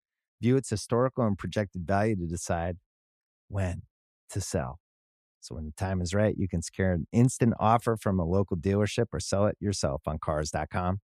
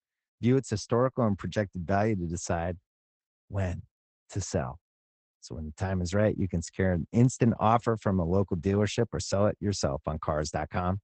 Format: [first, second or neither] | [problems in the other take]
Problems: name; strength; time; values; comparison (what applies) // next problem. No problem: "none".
first | garbled, watery; badly; nothing above 8 kHz